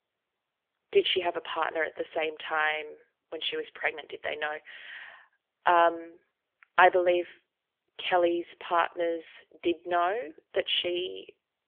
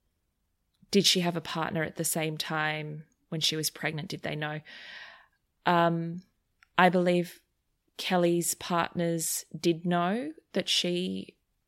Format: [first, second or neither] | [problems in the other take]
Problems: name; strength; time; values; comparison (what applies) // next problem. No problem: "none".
second | phone-call audio; nothing above 3.5 kHz